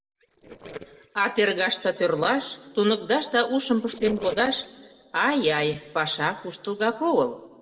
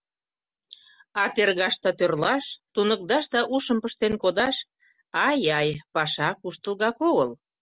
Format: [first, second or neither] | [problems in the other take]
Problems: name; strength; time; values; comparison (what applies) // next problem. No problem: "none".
second | noise reduction (neural separator model SepFormer DNS4)